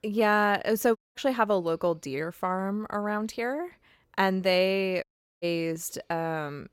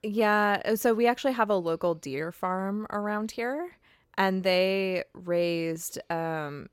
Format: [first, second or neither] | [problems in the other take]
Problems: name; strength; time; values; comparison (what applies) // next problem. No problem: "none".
second | audio cutting out; at 1 s and at 5 s